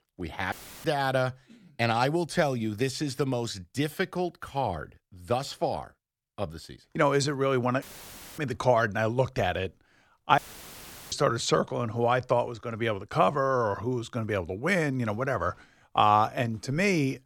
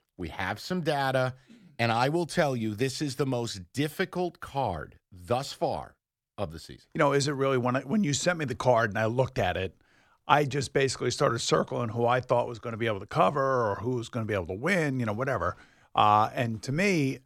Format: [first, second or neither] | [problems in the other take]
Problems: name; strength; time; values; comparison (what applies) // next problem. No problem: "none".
second | audio cutting out; filled with static; at 0.5 s, at 8 s for 0.5 s and at 10 s for 0.5 s